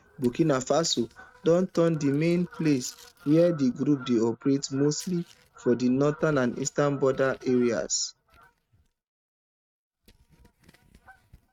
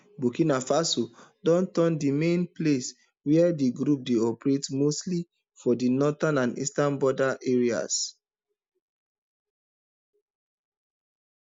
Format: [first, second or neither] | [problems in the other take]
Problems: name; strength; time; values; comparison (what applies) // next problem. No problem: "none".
second | noise reduction (neural mask model RNNoise)